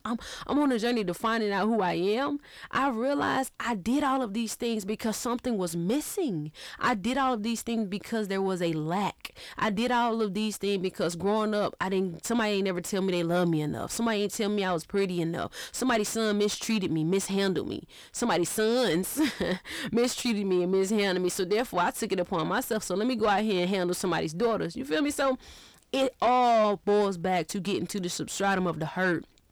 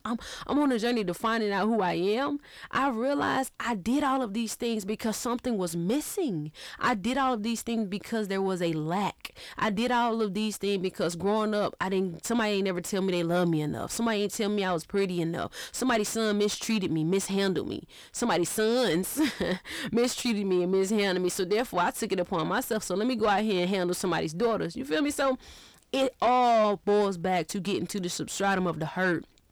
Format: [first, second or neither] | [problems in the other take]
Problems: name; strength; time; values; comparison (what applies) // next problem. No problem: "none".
neither | distortion; slight; 10 dB below the speech; the same in both